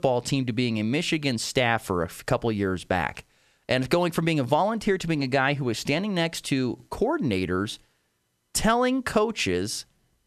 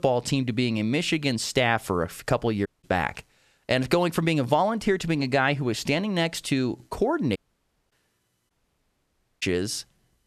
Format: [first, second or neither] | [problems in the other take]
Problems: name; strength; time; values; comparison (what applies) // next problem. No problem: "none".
first | audio cutting out; at 2.5 s, at 7.5 s for 0.5 s and at 8.5 s for 1 s